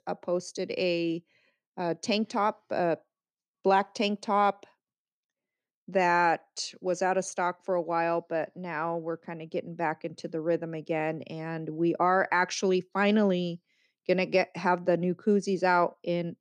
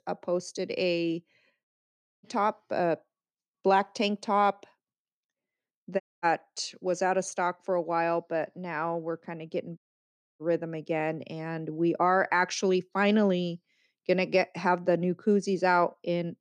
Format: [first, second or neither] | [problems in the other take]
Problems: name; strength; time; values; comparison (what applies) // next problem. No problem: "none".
first | audio cutting out; at 1.5 s for 0.5 s, at 6 s and at 10 s for 0.5 s